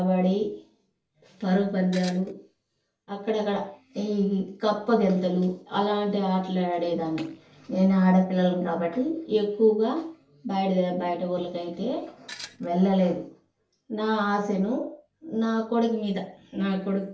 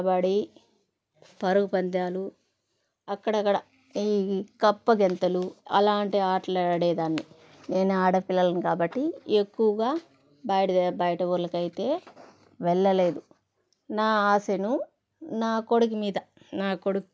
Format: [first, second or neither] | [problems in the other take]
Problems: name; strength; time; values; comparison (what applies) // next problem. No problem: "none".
second | background sound (Tools); 15 dB below the speech // room echo; dies away in 0.4 s